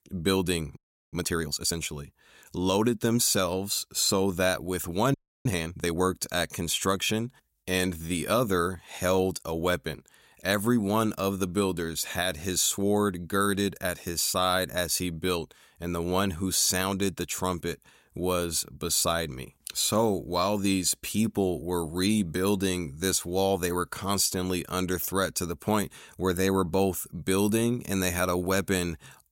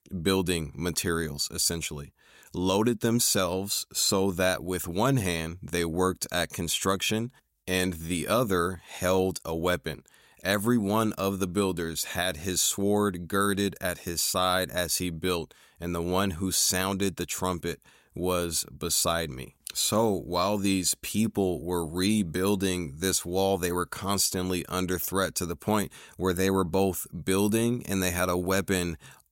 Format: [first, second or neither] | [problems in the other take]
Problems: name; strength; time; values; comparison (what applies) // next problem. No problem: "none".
second | audio freezing; at 1 s and at 5 s